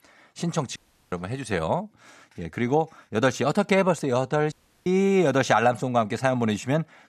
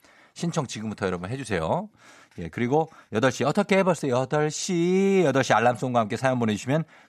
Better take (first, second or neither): second